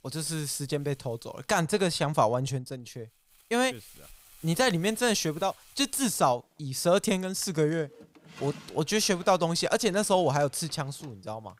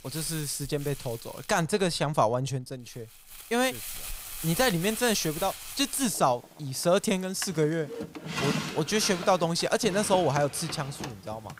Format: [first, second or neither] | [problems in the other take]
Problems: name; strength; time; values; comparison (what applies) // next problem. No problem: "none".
first | household noises; loud; throughout; 10 dB below the speech; faint in the first